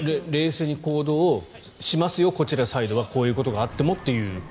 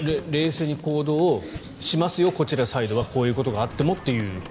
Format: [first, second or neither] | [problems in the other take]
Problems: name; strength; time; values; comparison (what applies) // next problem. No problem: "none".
first | background sound (Explosion + Computer keyboard); 18 dB below the speech